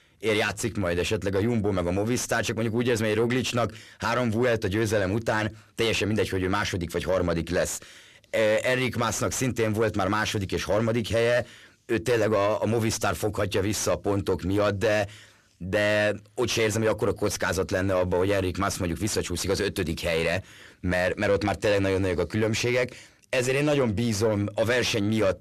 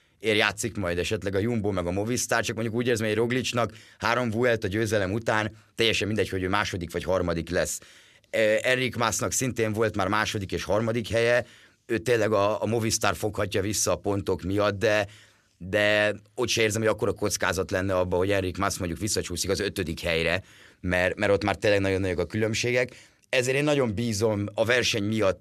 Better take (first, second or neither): second